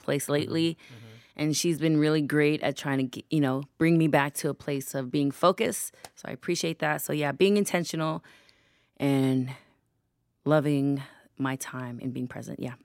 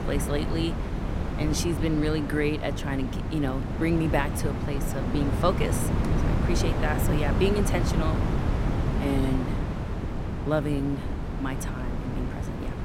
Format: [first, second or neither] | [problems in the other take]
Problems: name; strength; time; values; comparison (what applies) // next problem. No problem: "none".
first | wind noise on the microphone; heavy; 4 dB below the speech